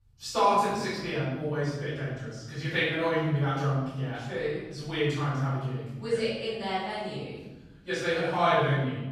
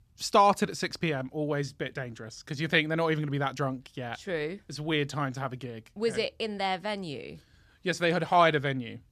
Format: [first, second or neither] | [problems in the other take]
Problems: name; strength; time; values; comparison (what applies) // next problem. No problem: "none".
second | off-mic speech; far // room echo; strong; dies away in 1.1 s